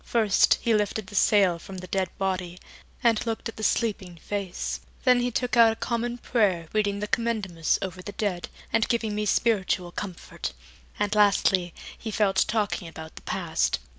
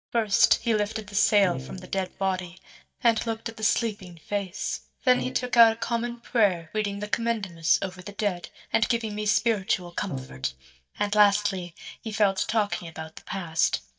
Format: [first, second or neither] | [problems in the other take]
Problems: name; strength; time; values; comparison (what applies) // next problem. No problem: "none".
first | noise reduction (neural mask model DeepFilterNet 3)